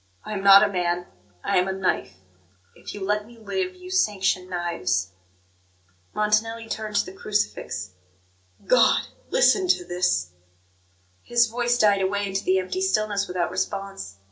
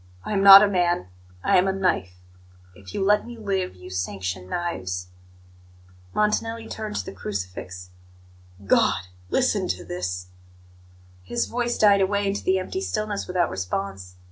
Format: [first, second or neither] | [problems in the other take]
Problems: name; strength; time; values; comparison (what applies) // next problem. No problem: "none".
second | room echo; dies away in 0.2 s